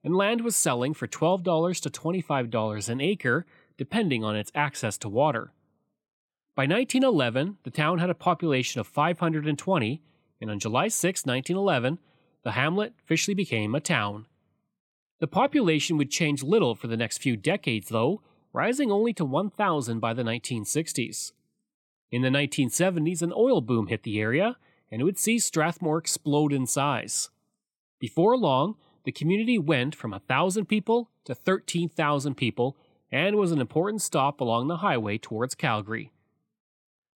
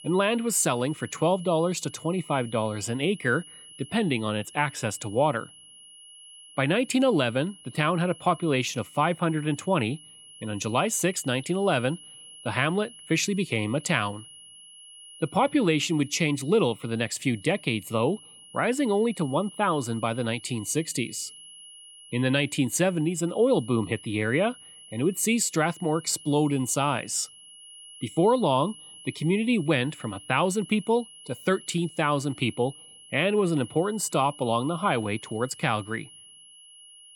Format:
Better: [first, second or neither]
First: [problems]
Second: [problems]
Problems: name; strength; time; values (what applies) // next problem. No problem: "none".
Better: first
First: none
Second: high-pitched whine; noticeable; throughout; 3 kHz, 20 dB below the speech